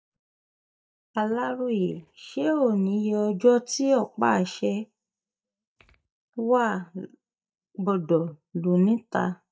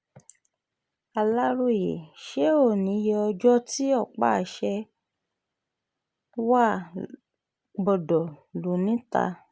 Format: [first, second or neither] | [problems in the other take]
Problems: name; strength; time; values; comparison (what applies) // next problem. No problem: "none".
second | noise reduction (neural mask model DeepFilterNet 3)